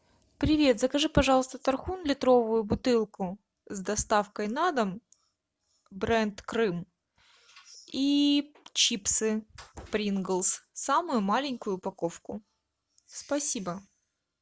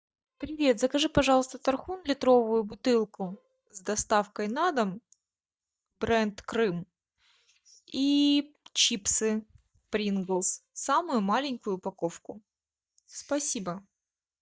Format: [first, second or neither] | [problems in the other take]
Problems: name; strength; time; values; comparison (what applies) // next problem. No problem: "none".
first | noise reduction (neural mask model DeepFilterNet 3)